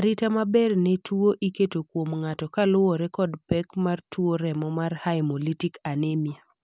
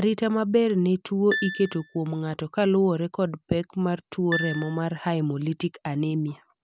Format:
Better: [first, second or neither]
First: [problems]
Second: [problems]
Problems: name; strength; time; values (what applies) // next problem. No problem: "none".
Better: first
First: none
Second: background sound (Piano); 9 dB below the speech